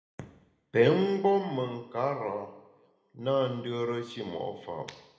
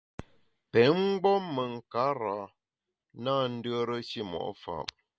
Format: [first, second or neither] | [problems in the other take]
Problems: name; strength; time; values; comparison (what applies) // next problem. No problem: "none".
second | room echo; dies away in 0.7 s